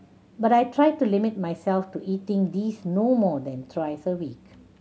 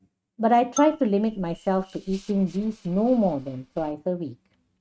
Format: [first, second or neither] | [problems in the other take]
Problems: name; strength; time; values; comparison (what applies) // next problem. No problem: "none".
first | noise reduction (neural mask model RNNoise)